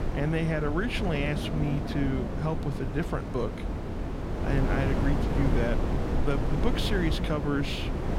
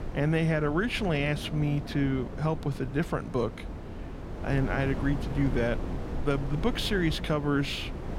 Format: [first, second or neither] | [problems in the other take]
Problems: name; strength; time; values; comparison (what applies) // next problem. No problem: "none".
second | wind noise on the microphone; heavy; 3 dB below the speech; occasional gusts in the second